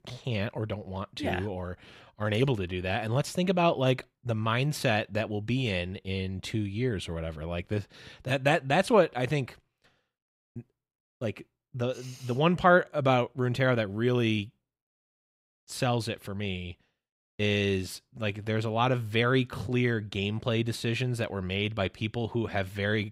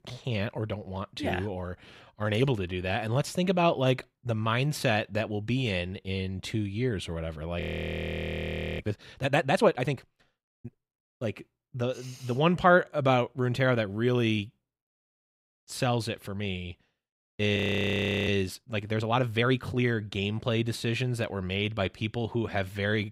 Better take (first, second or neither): first